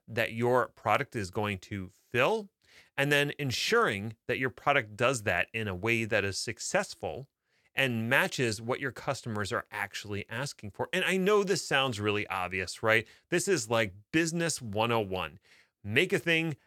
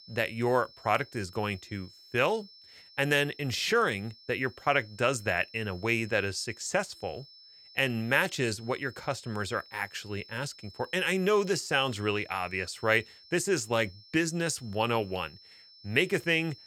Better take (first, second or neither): first